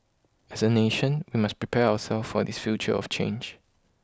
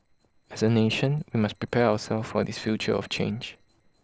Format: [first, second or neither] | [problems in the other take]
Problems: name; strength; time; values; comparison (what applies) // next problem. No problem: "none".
first | noise reduction (neural separator model SepFormer DNS4)